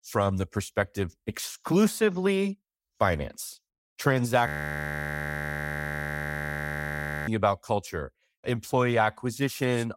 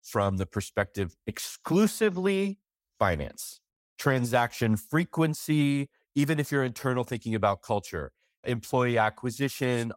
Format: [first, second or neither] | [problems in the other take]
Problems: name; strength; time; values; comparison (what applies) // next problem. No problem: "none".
second | audio freezing; at 4.5 s for 3 s